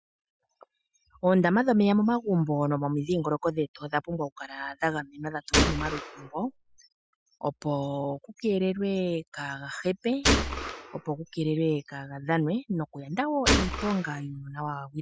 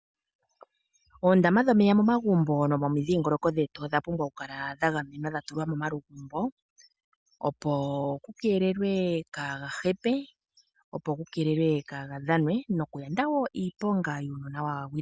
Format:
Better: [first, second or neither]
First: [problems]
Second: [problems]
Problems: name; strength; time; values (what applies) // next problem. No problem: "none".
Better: second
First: noise reduction (classical method Wiener filter)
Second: none